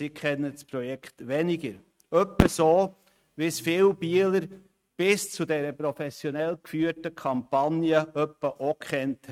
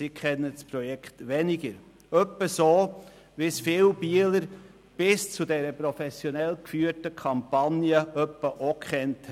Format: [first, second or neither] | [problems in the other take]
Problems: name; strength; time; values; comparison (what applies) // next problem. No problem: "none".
second | noise reduction (neural mask model RNNoise)